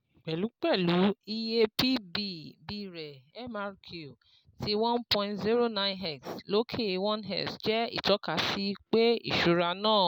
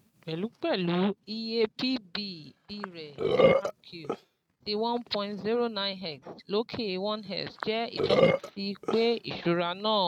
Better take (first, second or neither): first